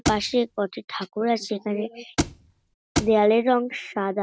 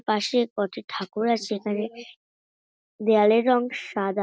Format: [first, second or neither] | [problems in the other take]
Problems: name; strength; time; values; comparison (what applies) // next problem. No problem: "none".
second | background sound (Thump, thud); 4 dB below the speech